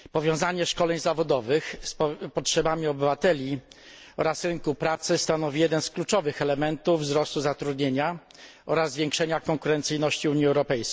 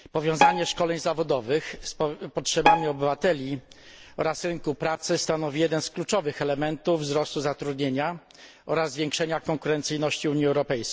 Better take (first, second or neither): first